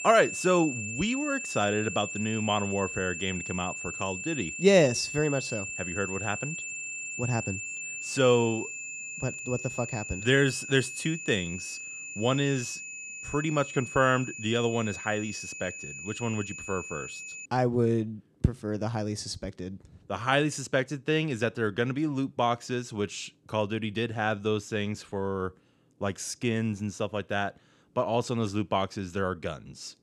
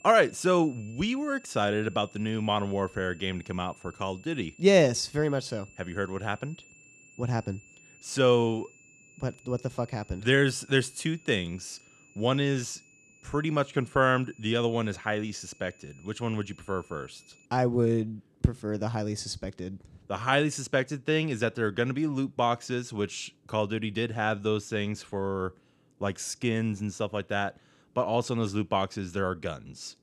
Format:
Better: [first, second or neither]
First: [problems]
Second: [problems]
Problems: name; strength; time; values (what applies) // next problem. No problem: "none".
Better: second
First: high-pitched whine; loud; until 17 s; 2.5 kHz, 6 dB below the speech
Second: high-pitched whine; faint; until 17 s; 2.5 kHz, 25 dB below the speech